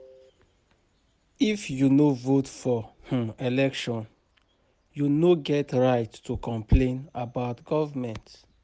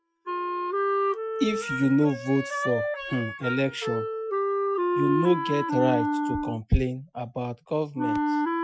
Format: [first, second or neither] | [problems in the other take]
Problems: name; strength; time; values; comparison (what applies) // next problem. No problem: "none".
first | noise reduction (classical method Wiener filter)